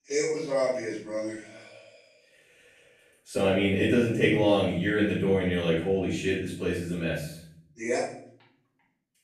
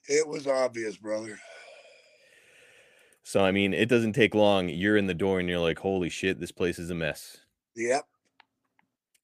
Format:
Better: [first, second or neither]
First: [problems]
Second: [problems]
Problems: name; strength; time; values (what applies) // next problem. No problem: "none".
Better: second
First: off-mic speech; far // room echo; noticeable; dies away in 0.6 s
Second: none